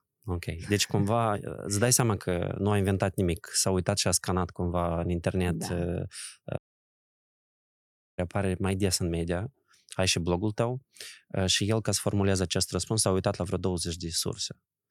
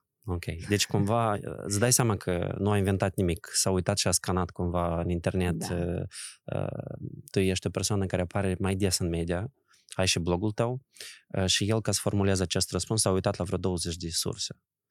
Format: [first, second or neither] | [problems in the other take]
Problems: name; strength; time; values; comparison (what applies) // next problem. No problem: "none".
second | audio cutting out; at 6.5 s for 1.5 s